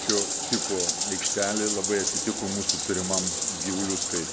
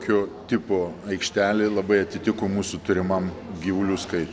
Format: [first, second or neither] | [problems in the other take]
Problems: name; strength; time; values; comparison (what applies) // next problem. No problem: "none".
second | background sound (Bathtub (filling or washing)); 2 dB above the speech